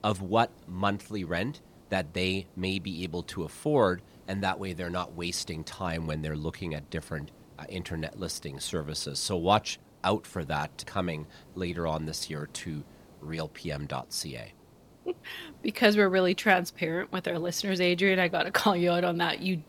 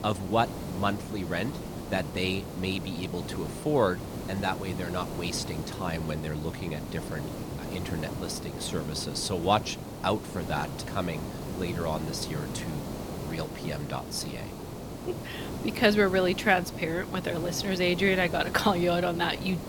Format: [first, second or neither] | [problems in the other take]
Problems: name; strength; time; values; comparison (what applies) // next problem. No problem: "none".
first | hiss; loud; throughout; 7 dB below the speech; faint in the first